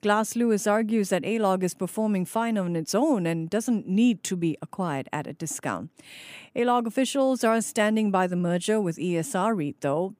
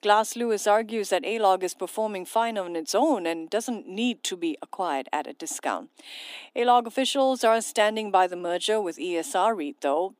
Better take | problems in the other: first | thin; somewhat; fading below 250 Hz

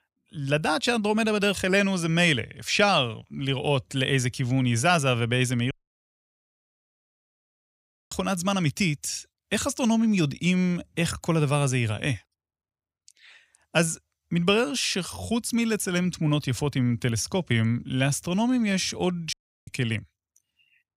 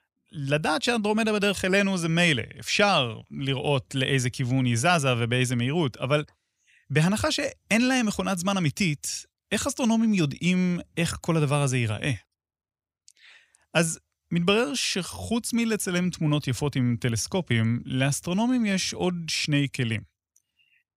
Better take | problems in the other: second | audio cutting out; at 5.5 s for 2.5 s and at 19 s

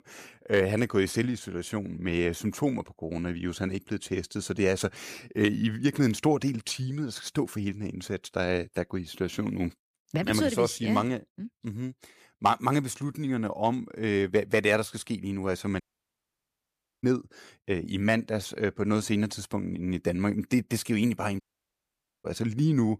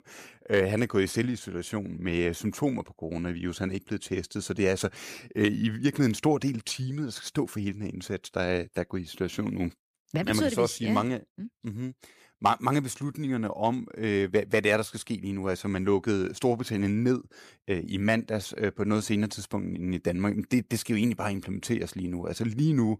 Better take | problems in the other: second | audio cutting out; at 16 s for 1 s and at 21 s for 1 s

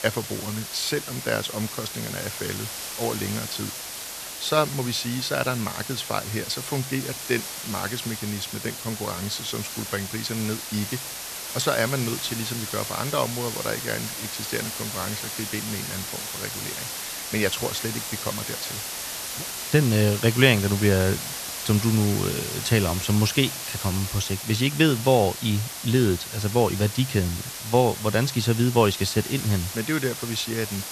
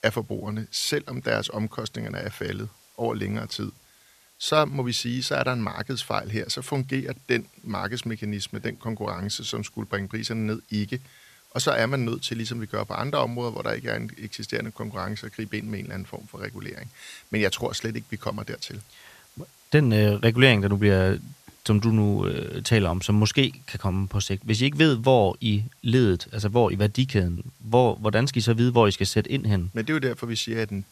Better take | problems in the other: second | hiss; loud; throughout; 6 dB below the speech; faint in the second

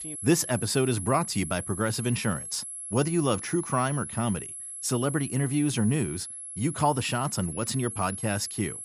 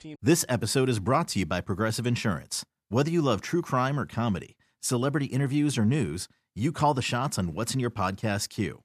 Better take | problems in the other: second | high-pitched whine; loud; throughout; 11 kHz, 8 dB below the speech

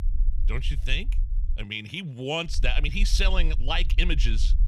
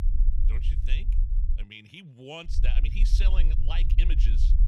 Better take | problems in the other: first | low rumble; loud; until 1.5 s and from 2.5 s on; 9 dB below the speech; faint in the first

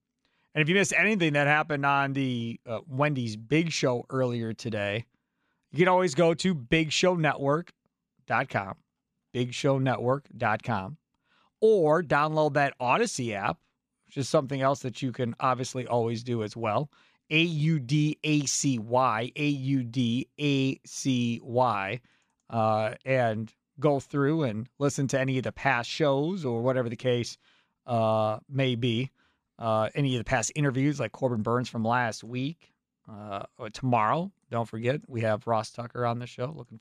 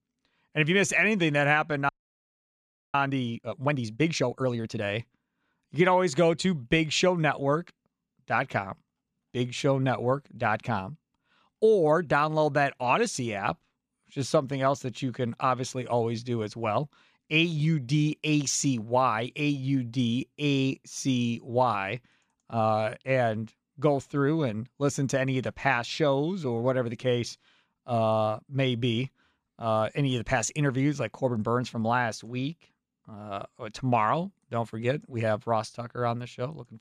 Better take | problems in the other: first | audio freezing; at 2 s for 1 s

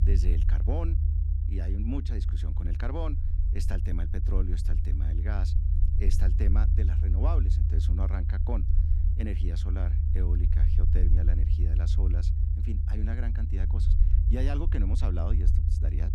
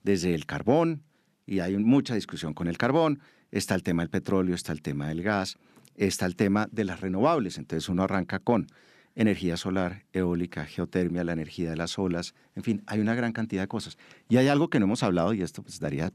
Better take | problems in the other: second | low rumble; loud; throughout; 3 dB below the speech

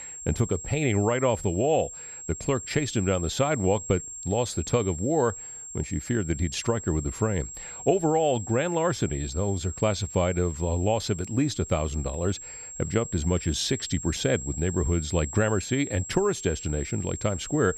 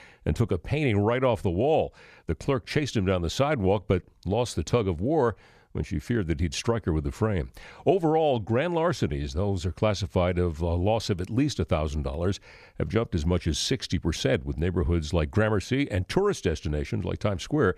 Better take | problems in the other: second | high-pitched whine; loud; throughout; 7.5 kHz, 10 dB below the speech

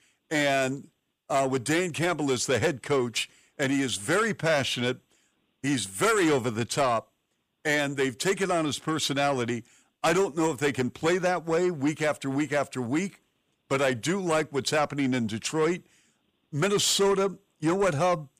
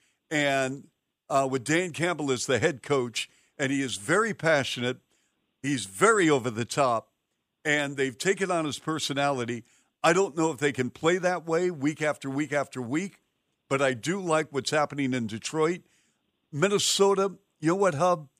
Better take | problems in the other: second | distortion; slight; 10 dB below the speech

